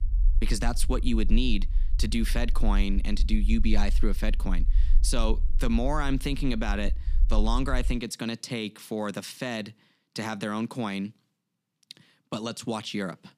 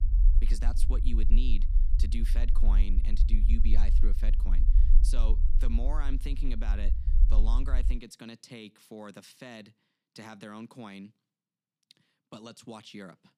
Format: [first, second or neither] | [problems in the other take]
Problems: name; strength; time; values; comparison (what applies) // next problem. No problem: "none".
first | low rumble; loud; until 8 s; 8 dB below the speech; faint in the first